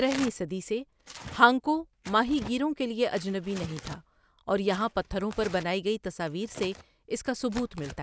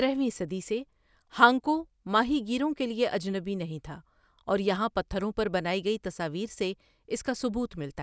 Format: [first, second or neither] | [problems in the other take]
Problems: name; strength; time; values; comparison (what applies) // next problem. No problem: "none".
second | background sound (Tearing); 17 dB below the speech